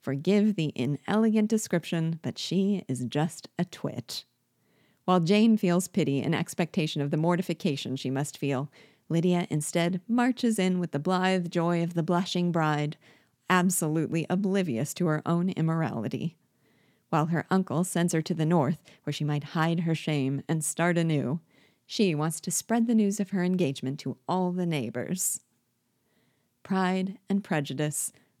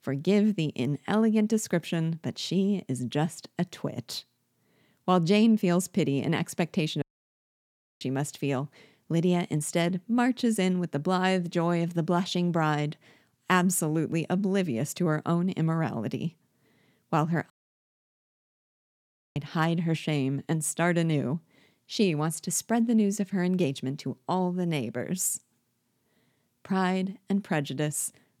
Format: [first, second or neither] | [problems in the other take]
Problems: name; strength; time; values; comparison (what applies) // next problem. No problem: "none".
first | audio cutting out; at 7 s for 1 s and at 18 s for 2 s